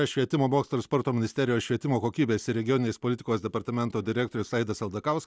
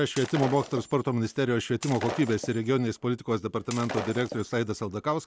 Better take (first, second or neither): first